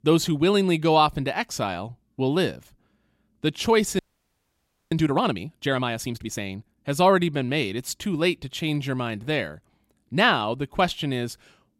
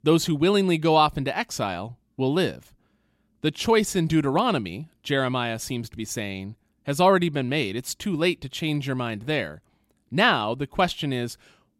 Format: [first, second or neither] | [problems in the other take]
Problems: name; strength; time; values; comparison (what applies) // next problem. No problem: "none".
second | audio freezing; at 4 s for 1 s